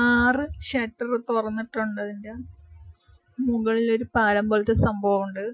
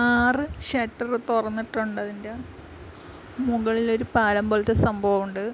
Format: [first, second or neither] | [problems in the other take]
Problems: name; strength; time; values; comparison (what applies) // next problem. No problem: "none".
second | noise reduction (classical method Wiener filter)